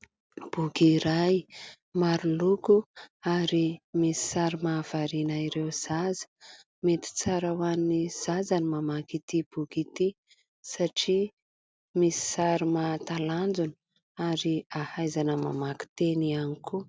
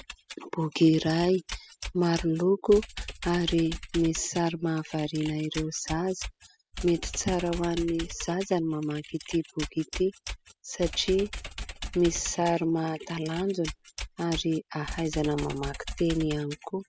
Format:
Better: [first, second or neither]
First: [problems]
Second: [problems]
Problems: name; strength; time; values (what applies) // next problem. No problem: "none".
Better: first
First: none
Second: noise reduction (classical method spectral subtraction)